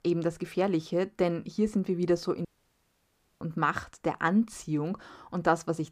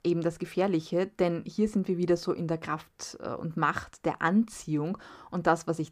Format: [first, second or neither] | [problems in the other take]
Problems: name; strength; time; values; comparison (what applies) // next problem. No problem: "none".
second | audio cutting out; at 2.5 s for 1 s